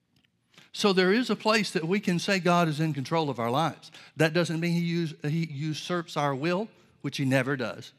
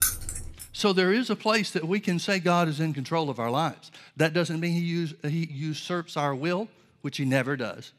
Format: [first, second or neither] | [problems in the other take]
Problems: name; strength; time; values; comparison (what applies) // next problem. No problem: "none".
first | jangling keys; loud; at the start; peak 2 dB above the speech